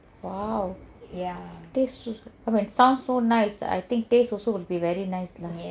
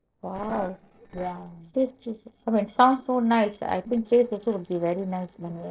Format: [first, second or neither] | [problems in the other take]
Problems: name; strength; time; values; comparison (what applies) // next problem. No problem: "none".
first | noise reduction (neural separator model SepFormer DNS4)